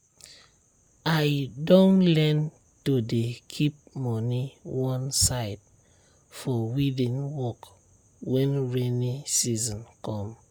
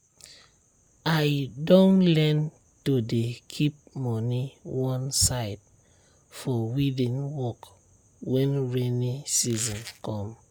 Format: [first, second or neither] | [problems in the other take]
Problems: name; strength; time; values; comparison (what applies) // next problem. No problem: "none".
first | background sound (Squeak); 17 dB below the speech